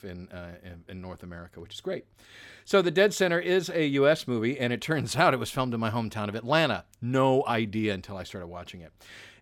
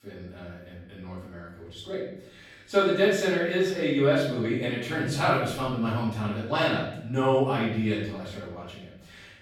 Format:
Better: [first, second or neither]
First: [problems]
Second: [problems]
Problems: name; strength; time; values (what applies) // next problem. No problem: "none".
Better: first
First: none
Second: room echo; noticeable; dies away in 0.7 s // off-mic speech; far